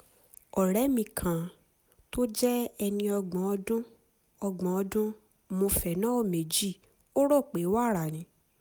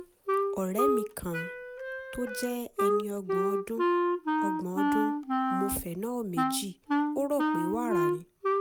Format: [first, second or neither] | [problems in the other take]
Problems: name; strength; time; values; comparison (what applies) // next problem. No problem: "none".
first | background sound (Wind instrument, woodwind instrument); 5 dB above the speech